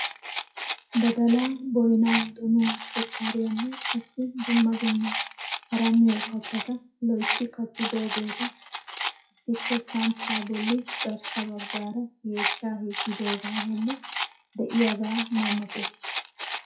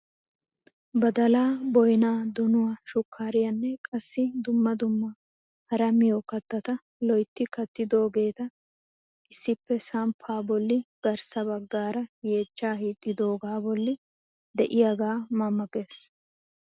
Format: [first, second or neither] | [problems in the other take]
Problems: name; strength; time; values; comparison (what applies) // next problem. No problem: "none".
second | noise reduction (classical method WPE with log-MMSE)